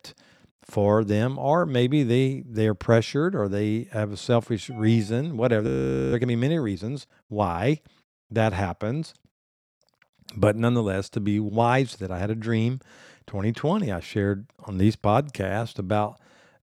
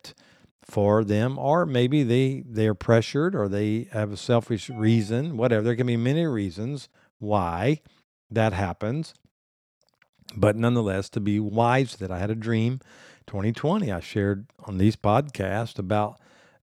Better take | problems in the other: second | audio freezing; at 5.5 s

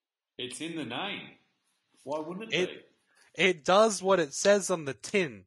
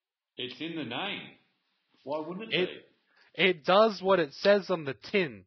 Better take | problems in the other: first | garbled, watery; badly; nothing above 5.5 kHz; slightly in the first

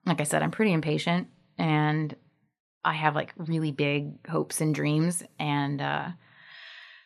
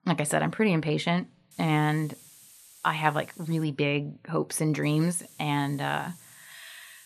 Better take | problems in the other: first | hiss; faint; from 1.5 to 3.5 s and from 5 s on; 25 dB below the speech

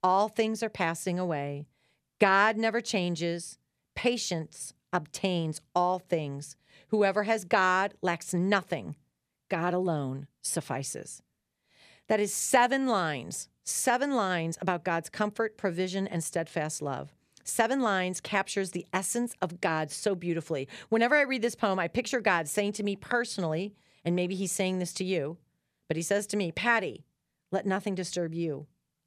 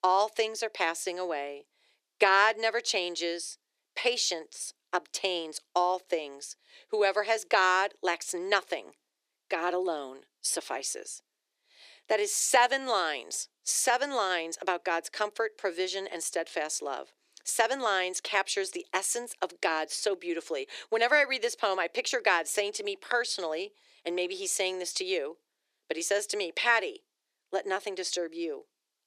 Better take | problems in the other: first | thin; very; fading below 350 Hz

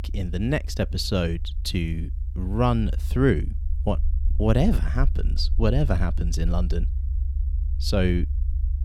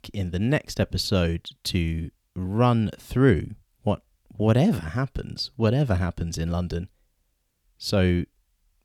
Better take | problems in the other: second | low rumble; noticeable; throughout; 20 dB below the speech

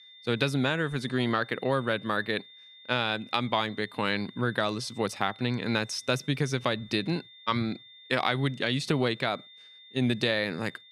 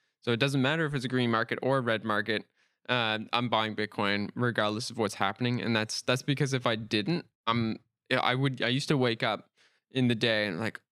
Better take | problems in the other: second | high-pitched whine; faint; throughout; 3.5 kHz, 20 dB below the speech

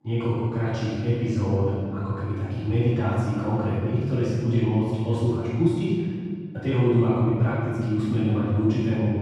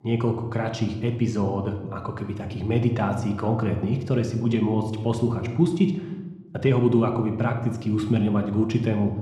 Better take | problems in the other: second | room echo; strong; dies away in 1.7 s; slight in the second // off-mic speech; far

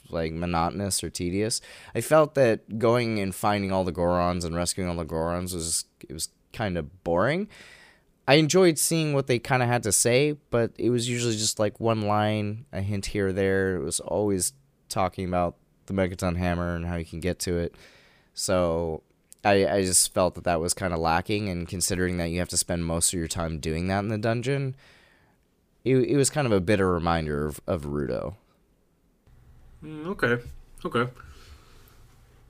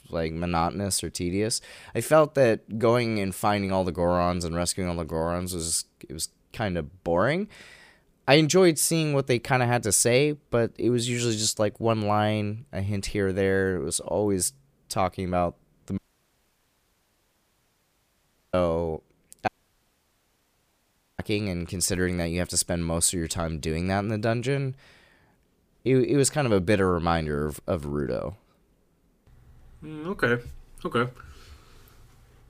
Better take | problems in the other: first | audio cutting out; at 16 s for 2.5 s and at 19 s for 1.5 s

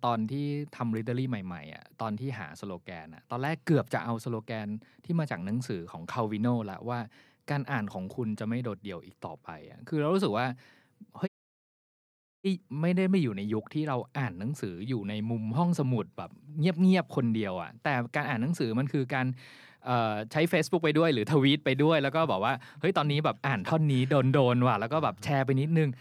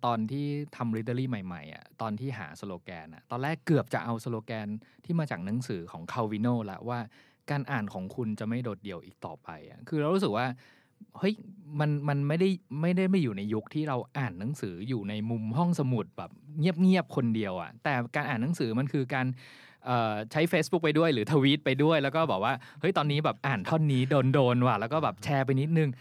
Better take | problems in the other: second | audio cutting out; at 11 s for 1 s

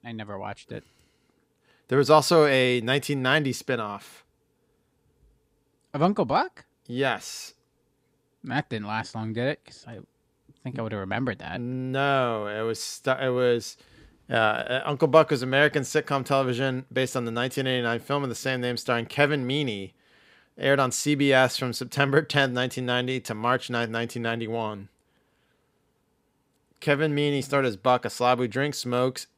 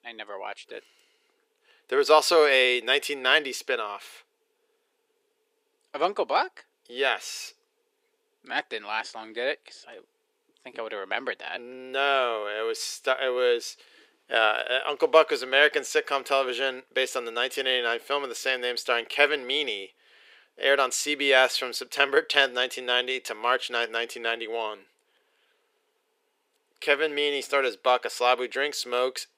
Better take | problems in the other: first | thin; very; fading below 400 Hz

